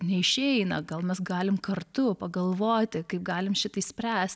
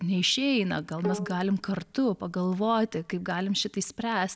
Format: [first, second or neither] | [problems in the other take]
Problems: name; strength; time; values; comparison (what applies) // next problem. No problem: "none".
first | background sound (Bowed string instrument); 13 dB below the speech